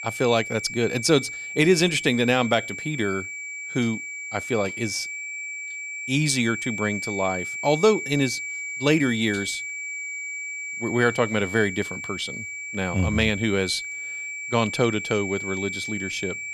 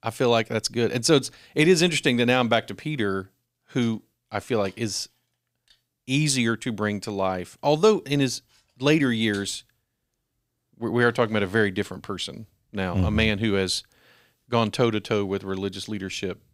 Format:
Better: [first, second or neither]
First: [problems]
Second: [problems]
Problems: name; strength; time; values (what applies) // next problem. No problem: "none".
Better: second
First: high-pitched whine; loud; throughout; 2.5 kHz, 6 dB below the speech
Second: none